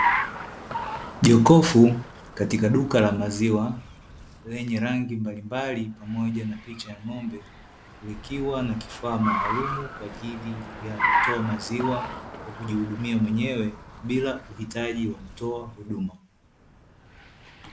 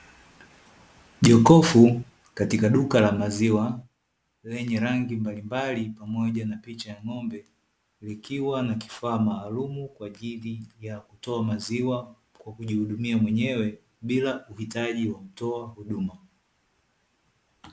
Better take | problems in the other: second | background sound (Car); 8 dB below the speech

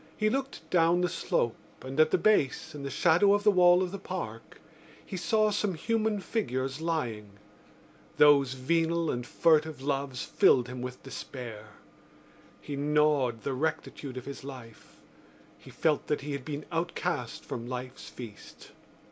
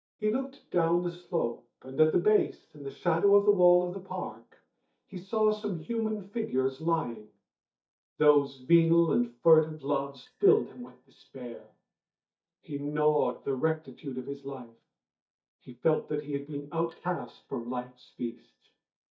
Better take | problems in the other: first | noise reduction (neural mask model DeepFilterNet 3)

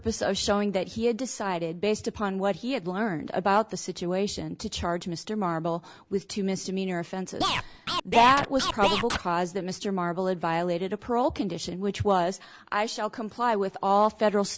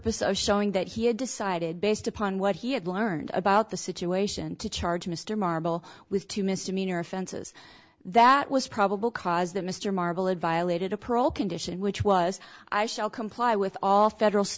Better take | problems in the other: second | background sound (Scratching (performance technique)); 2 dB below the speech

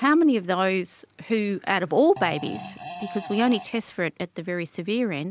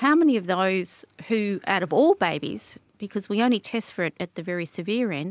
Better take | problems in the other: second | background sound (Fart); 14 dB below the speech

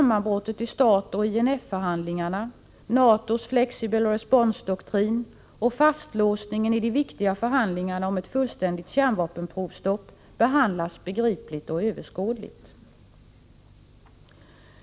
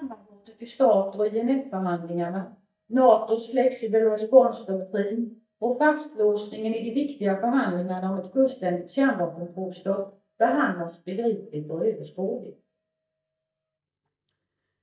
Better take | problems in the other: first | noise reduction (neural mask model DeepFilterNet 3)

